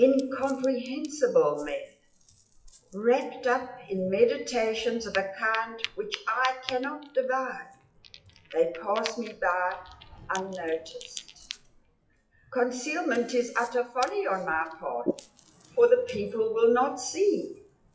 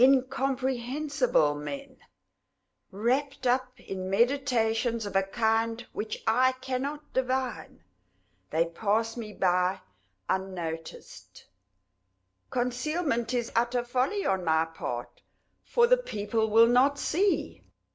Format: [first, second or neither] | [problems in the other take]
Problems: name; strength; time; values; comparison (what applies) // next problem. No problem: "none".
second | noise reduction (classical method WPE with log-MMSE)